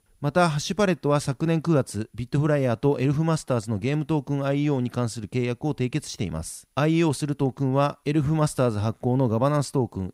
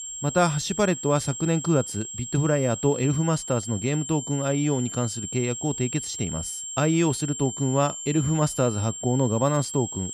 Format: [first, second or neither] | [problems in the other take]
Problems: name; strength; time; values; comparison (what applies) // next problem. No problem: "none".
first | high-pitched whine; loud; throughout; 7.5 kHz, 7 dB below the speech